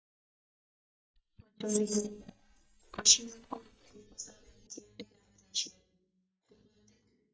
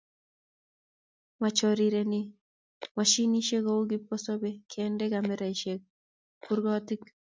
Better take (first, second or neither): second